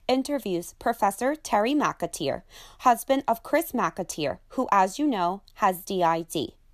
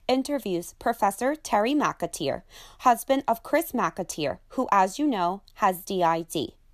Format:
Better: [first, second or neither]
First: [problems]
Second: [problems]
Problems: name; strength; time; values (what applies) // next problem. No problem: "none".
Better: neither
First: none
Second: none